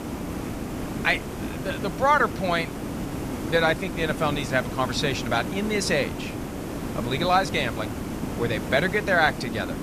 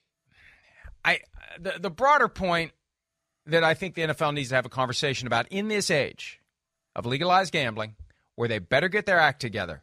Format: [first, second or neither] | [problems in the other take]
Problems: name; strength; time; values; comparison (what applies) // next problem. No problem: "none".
second | hiss; loud; throughout; 7 dB below the speech